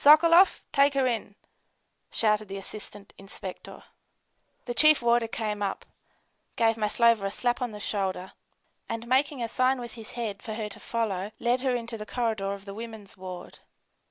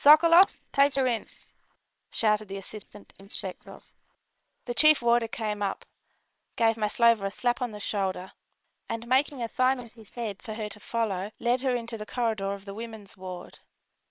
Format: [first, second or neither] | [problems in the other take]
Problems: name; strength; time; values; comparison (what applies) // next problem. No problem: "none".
first | noise reduction (neural separator model SepFormer WHAM!)